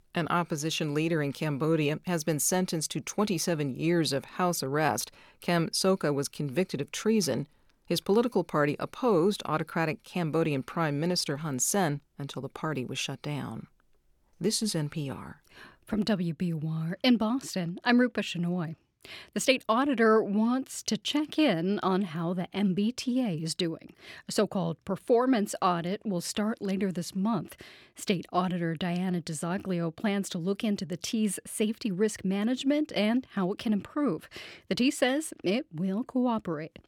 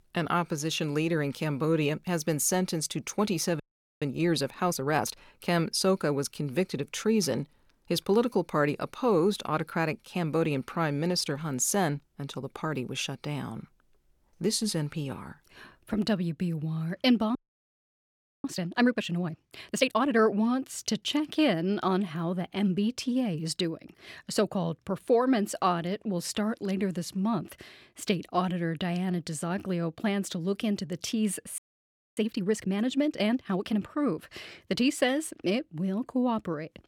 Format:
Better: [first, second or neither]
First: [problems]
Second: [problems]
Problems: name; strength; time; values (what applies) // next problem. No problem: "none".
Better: first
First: none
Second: audio freezing; at 3.5 s, at 17 s for 1 s and at 32 s for 0.5 s